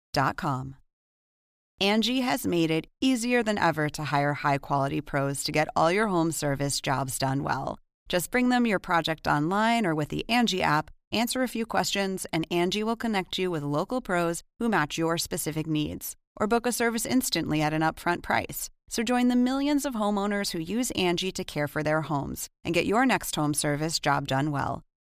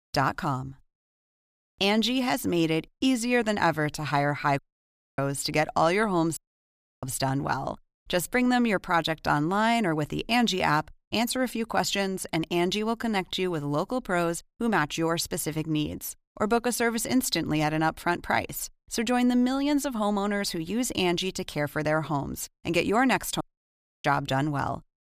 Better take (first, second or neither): first